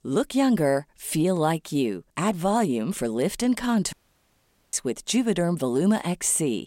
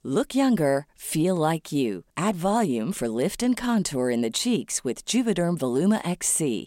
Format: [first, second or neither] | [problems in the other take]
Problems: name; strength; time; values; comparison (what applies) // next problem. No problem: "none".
second | audio cutting out; at 4 s for 1 s